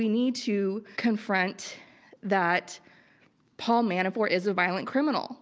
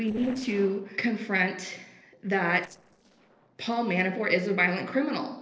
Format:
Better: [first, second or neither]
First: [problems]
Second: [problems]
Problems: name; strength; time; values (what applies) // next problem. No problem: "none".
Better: first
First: none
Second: noise reduction (neural separator model SepFormer DNS4)